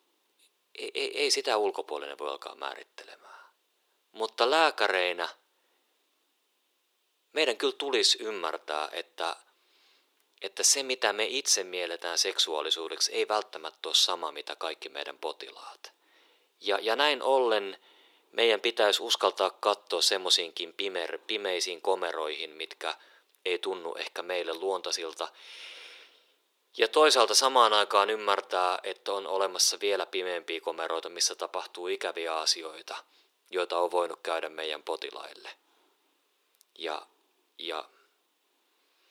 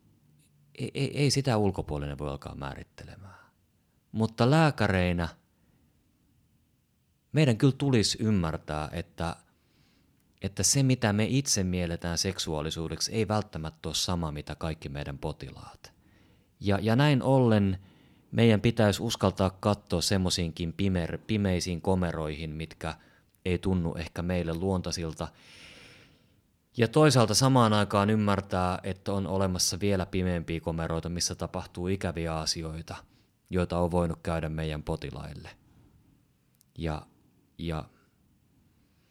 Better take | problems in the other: second | thin; very; fading below 400 Hz

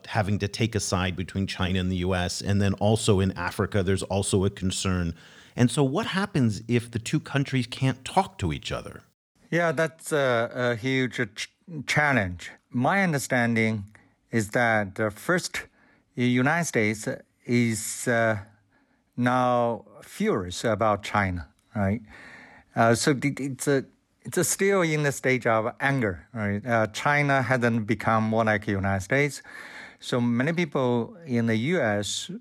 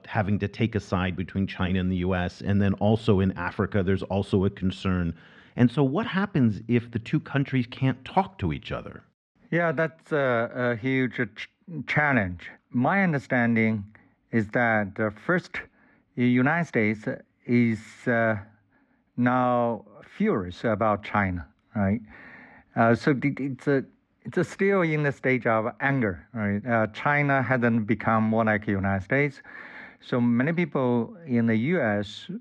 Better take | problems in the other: first | muffled; very; fading above 2.5 kHz

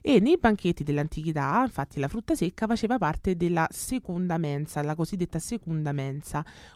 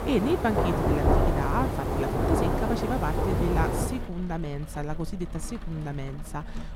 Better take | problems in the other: first | rain or running water; very loud; throughout; 4 dB above the speech

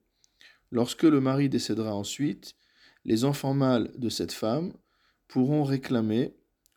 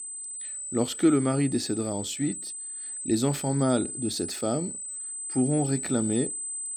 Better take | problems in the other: first | high-pitched whine; loud; throughout; 8 kHz, 6 dB below the speech

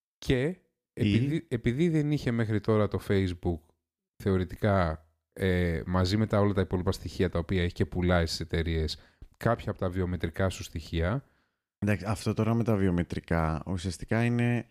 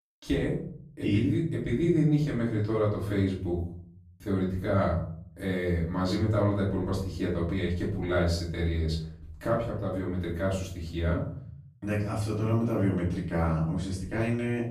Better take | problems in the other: first | room echo; noticeable; dies away in 0.5 s // off-mic speech; far

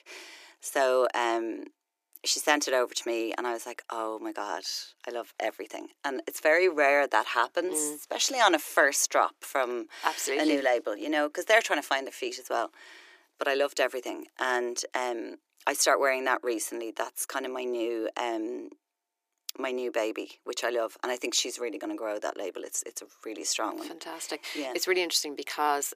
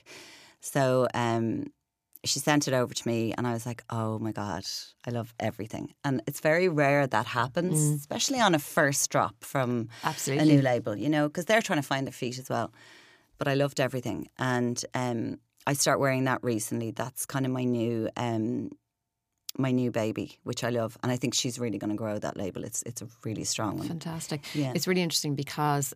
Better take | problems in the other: second | thin; very; fading below 350 Hz

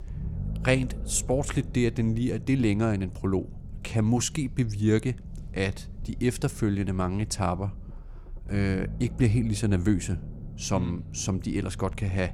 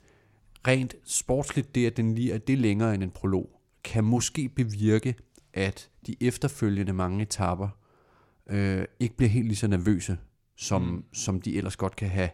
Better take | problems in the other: second | low rumble; noticeable; throughout; 20 dB below the speech

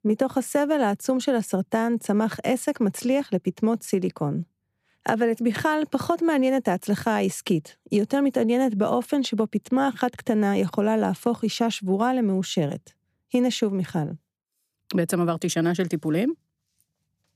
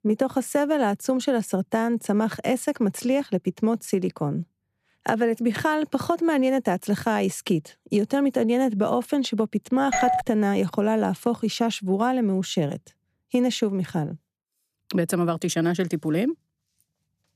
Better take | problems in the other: first | doorbell; loud; at 10 s; peak 1 dB above the speech

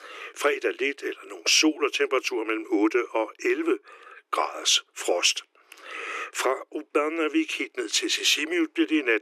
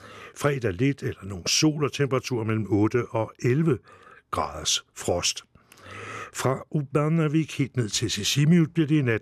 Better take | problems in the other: second | thin; very; fading below 300 Hz

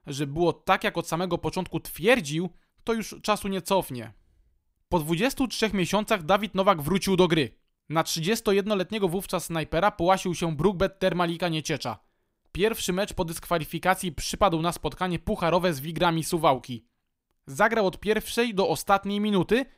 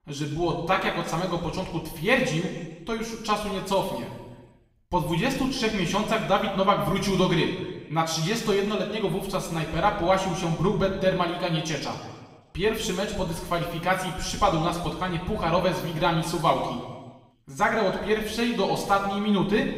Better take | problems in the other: first | room echo; noticeable; dies away in 1.2 s // off-mic speech; far

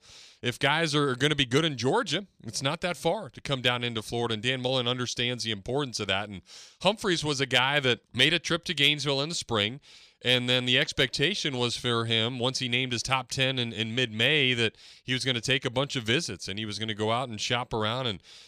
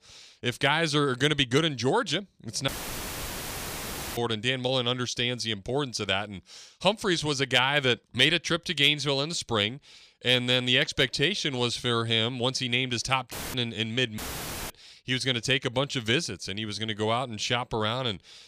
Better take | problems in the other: first | audio cutting out; filled with static; at 2.5 s for 1.5 s, at 13 s and at 14 s for 0.5 s

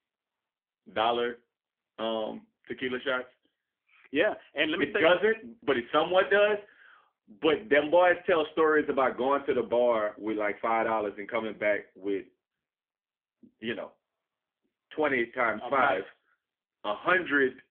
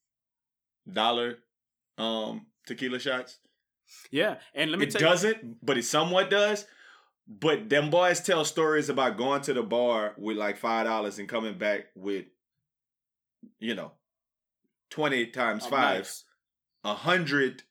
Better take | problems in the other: second | phone-call audio; poor line; nothing above 3.5 kHz

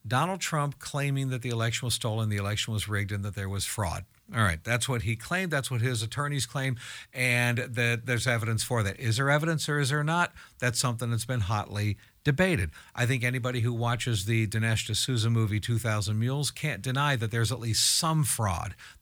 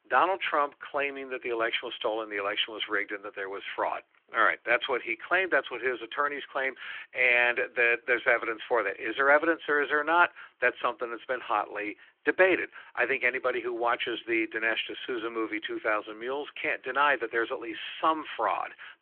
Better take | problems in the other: first | phone-call audio

